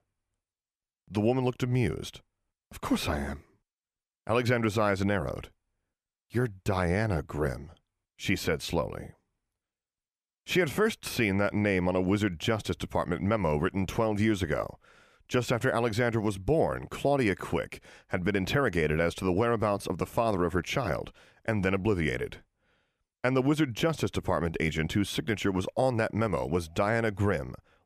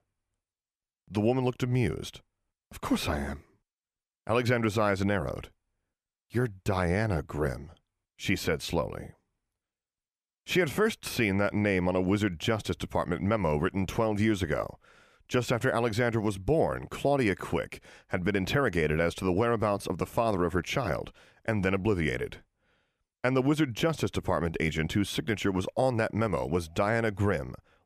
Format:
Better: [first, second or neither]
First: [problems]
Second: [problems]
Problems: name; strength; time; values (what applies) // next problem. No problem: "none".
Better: neither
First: none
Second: none